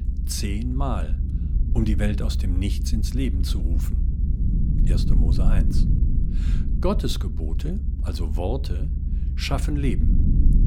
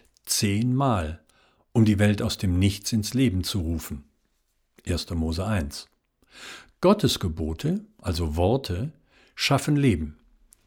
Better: second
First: low rumble; loud; throughout; 7 dB below the speech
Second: none

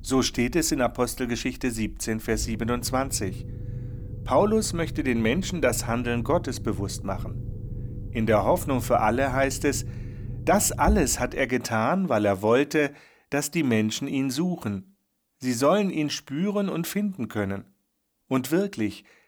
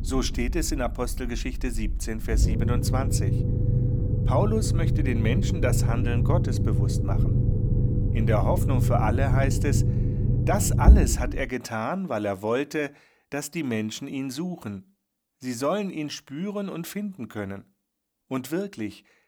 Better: first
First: low rumble; faint; until 11 s; 20 dB below the speech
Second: low rumble; loud; until 11 s; 5 dB below the speech

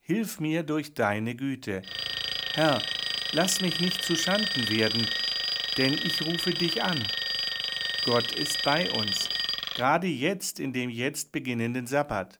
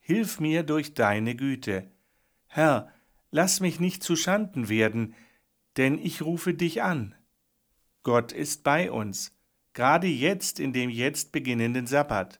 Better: second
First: alarm; loud; from 2 to 10 s; peak 4 dB above the speech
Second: none

